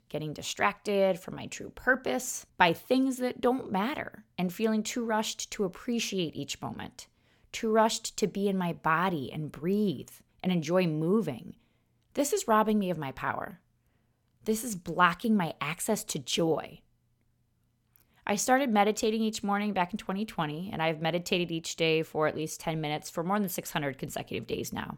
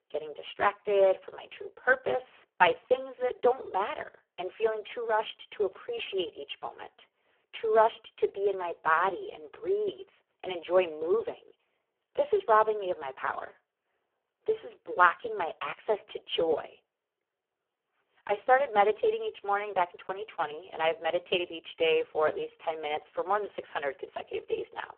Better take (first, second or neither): first